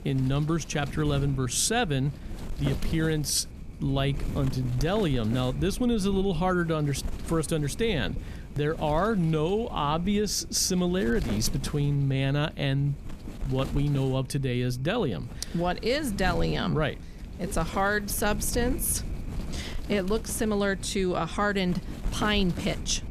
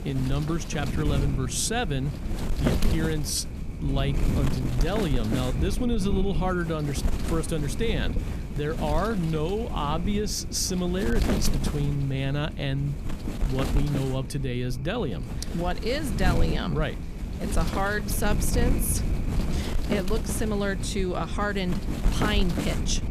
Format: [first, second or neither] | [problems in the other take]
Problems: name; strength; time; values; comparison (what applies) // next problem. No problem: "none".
first | wind noise on the microphone; heavy; 7 dB below the speech; occasional gusts in the first